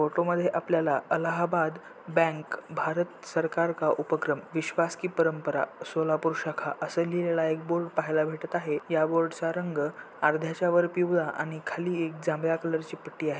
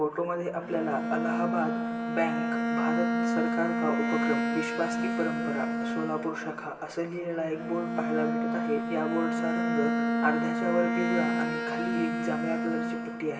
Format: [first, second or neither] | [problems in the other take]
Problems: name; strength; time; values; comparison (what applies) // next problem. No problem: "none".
first | background sound (Bowed string instrument); 2 dB above the speech // room echo; dies away in 2.2 s